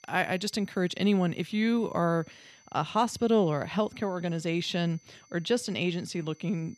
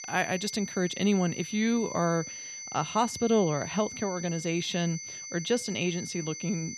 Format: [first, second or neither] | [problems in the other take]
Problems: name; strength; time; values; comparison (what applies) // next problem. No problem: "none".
first | high-pitched whine; loud; throughout; 6 kHz, 9 dB below the speech; faint in the first